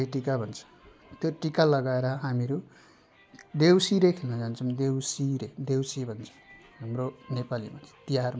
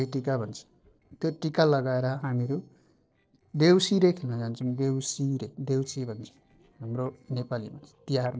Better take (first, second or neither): first